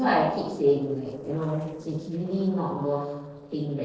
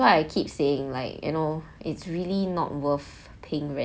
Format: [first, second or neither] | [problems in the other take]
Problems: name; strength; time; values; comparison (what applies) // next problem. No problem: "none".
second | noise reduction (neural separator model SepFormer DNS4)